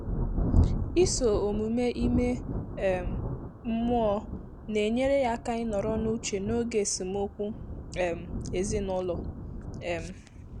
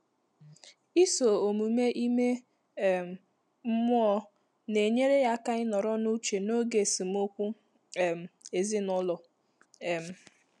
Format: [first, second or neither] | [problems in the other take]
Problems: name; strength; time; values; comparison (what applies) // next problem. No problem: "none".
second | background sound (Thunder); 3 dB below the speech